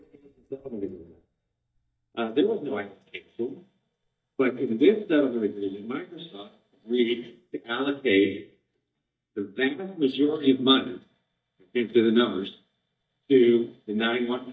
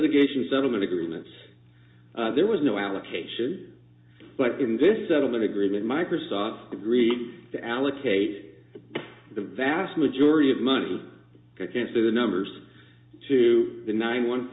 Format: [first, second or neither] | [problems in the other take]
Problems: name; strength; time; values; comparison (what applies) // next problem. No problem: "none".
second | noise reduction (neural mask model DeepFilterNet 3)